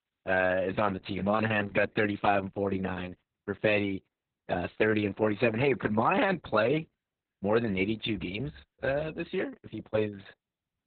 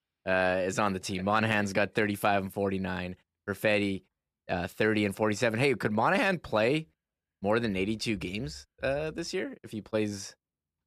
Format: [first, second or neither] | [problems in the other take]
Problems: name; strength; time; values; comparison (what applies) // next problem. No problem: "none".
second | garbled, watery; badly; nothing above 4 kHz